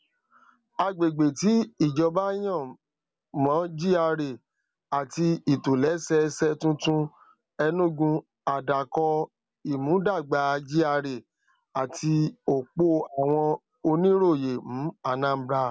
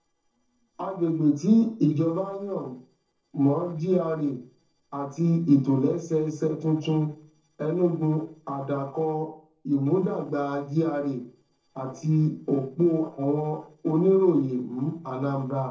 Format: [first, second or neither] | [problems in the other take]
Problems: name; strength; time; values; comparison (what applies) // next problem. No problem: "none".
first | noise reduction (neural separator model SepFormer DNS4)